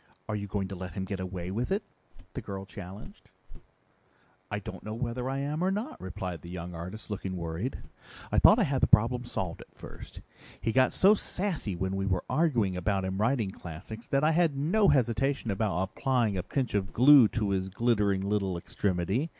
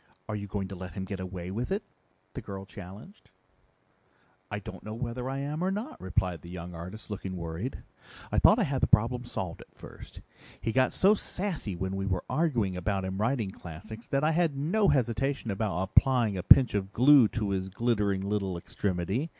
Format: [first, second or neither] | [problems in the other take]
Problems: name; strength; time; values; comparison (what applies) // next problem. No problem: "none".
second | noise reduction (neural mask model Resemble Enhance denoiser)